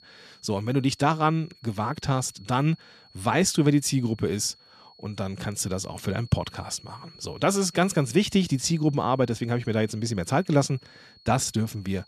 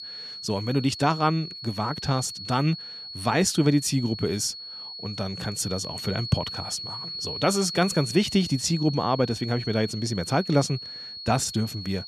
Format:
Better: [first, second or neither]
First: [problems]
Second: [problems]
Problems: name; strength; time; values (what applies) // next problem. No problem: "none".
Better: first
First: high-pitched whine; faint; throughout; 4.5 kHz, 25 dB below the speech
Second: high-pitched whine; loud; throughout; 4.5 kHz, 9 dB below the speech